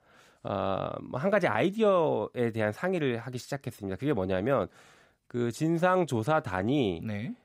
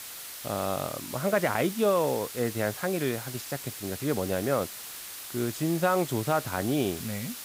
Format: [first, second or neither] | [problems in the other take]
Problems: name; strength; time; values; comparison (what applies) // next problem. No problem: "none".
first | hiss; loud; throughout; 9 dB below the speech